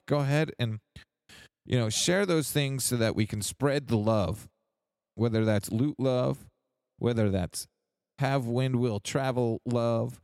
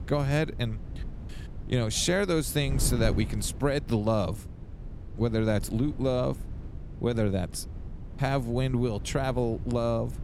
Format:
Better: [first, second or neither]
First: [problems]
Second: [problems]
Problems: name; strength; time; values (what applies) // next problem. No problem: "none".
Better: first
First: none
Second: wind noise on the microphone; occasional gusts; 20 dB below the speech